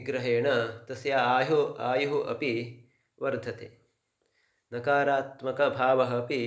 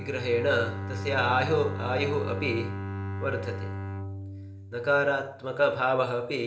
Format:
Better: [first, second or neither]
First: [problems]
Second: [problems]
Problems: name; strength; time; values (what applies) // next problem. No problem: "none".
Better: first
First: none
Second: background sound (Bowed string instrument); 7 dB below the speech // room echo; dies away in 1.2 s